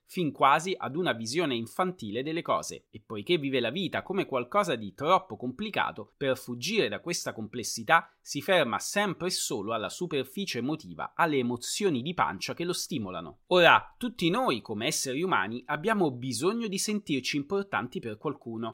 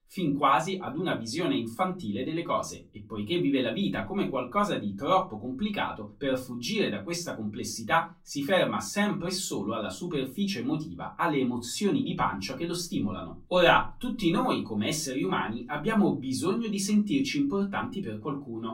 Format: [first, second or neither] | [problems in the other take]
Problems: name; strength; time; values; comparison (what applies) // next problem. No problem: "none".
first | off-mic speech; far // room echo; very slight; dies away in 0.3 s